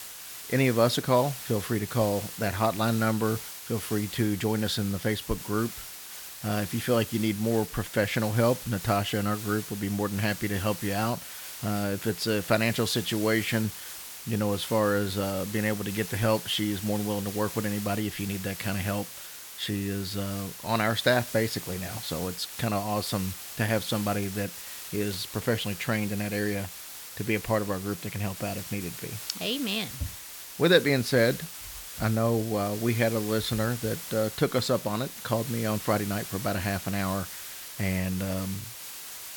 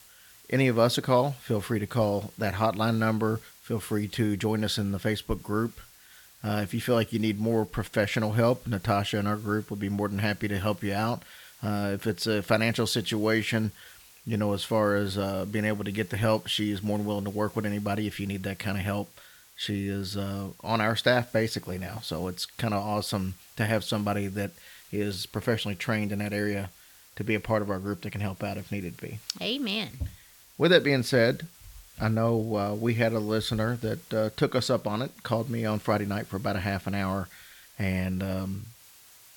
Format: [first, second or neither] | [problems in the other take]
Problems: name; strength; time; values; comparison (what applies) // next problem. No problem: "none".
second | hiss; loud; throughout; 9 dB below the speech; faint in the second